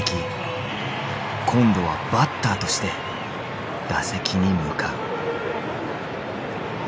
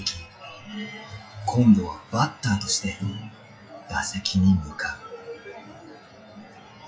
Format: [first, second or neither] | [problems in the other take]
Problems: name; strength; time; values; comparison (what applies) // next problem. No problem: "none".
first | noise reduction (classical method WPE with log-MMSE)